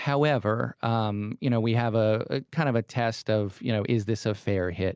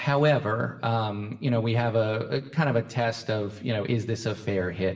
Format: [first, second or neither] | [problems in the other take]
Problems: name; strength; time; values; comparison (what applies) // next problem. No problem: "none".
first | room echo; dies away in 1 s